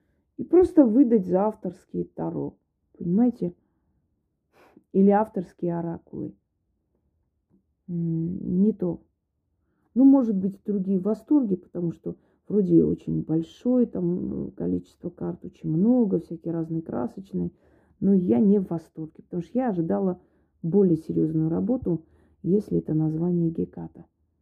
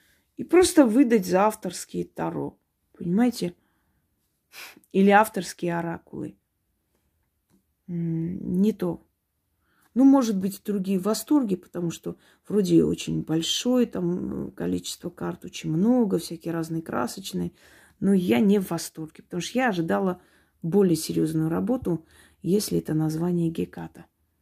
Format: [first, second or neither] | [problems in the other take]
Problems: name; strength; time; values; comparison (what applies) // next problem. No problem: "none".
second | muffled; very; fading above 1.5 kHz